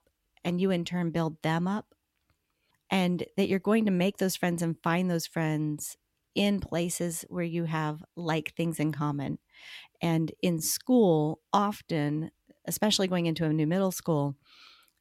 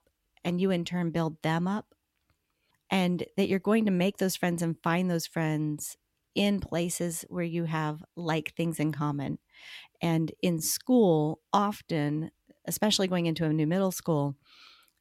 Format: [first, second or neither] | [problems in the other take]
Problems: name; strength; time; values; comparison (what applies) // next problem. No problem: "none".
neither | none